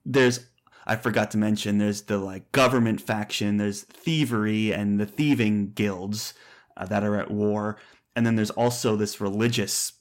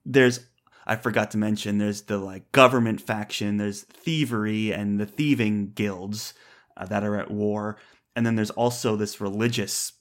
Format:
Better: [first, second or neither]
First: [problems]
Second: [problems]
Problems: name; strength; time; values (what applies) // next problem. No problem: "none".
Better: second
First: distortion; slight; 10 dB below the speech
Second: none